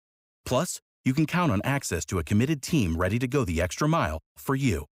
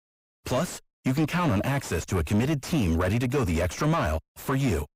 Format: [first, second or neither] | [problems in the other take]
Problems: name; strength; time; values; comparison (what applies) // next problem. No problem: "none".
first | distortion; heavy; 7 dB below the speech